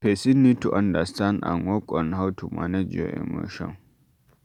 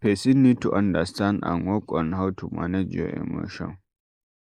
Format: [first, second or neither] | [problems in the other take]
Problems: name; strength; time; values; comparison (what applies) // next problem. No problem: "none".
first | noise reduction (neural mask model Resemble Enhance denoiser)